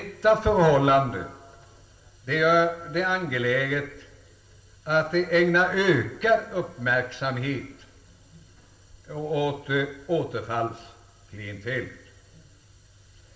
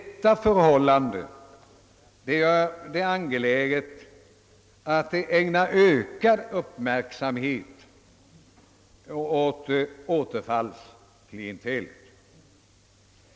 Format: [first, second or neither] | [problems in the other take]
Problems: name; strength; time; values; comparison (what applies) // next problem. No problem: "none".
second | room echo; dies away in 0.4 s